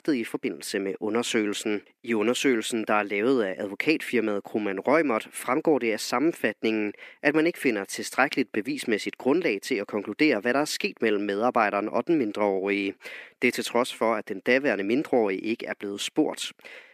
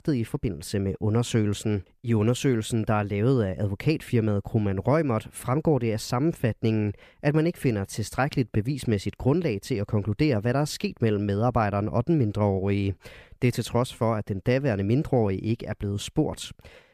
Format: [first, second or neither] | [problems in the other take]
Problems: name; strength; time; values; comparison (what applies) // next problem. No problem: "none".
second | thin; somewhat; fading below 250 Hz